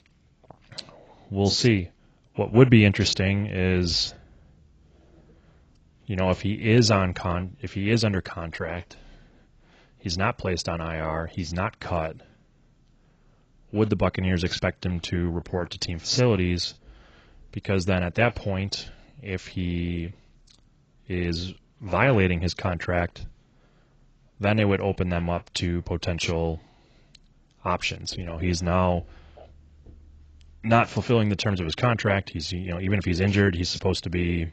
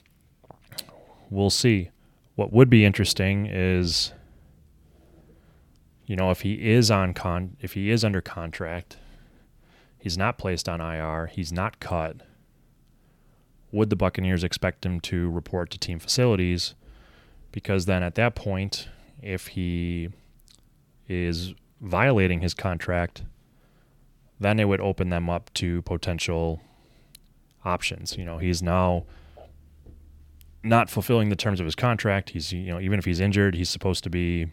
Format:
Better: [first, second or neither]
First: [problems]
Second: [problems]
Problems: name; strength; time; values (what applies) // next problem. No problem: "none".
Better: second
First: garbled, watery; badly; nothing above 7.5 kHz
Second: none